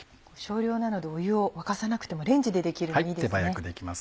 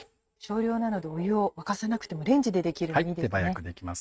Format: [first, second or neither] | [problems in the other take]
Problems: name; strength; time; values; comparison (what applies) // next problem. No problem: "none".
first | noise reduction (neural mask model RNNoise)